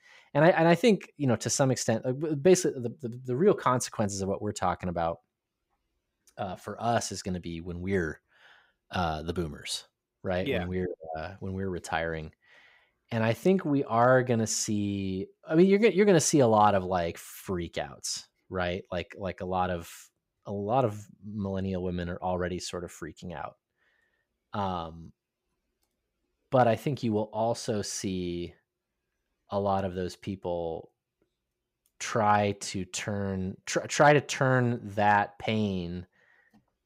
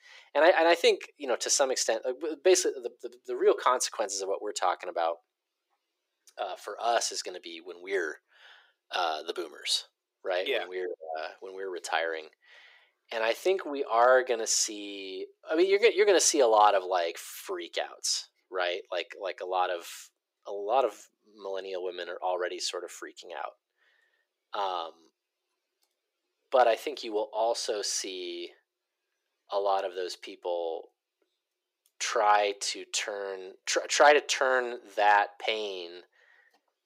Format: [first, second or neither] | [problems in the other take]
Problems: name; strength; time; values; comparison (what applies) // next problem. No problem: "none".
first | thin; very; fading below 350 Hz